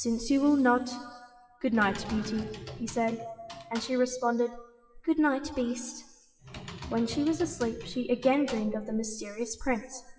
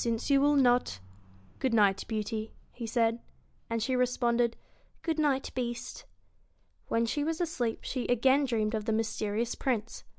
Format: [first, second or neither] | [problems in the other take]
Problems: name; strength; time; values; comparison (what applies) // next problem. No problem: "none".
second | noise reduction (classical method WPE with log-MMSE)